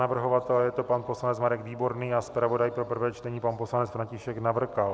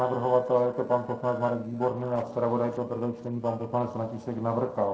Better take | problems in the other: first | noise reduction (neural separator model SepFormer DNS4)

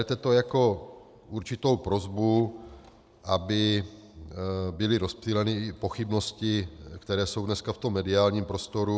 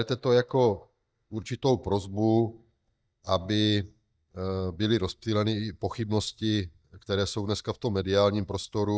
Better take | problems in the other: first | noise reduction (neural mask model DeepFilterNet 3)

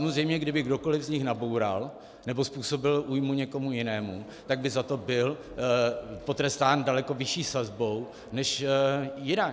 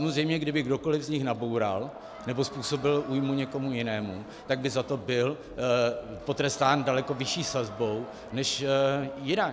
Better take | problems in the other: first | background sound (Crowd); 17 dB below the speech

